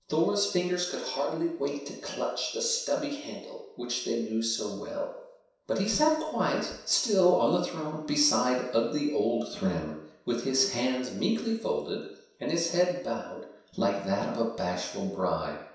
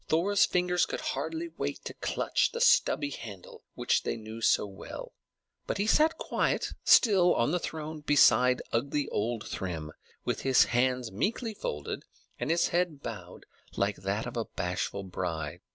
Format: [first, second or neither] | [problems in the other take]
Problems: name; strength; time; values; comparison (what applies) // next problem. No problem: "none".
second | room echo; dies away in 0.7 s